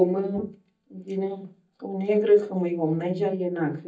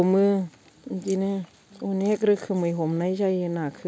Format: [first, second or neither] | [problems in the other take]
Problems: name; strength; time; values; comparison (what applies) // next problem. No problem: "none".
second | noise reduction (neural mask model DeepFilterNet 3)